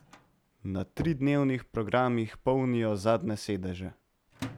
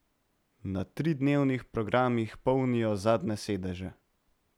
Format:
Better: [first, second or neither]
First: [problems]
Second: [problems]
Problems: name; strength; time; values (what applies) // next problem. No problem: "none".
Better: second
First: background sound (Knock + Microwave oven); 18 dB below the speech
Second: none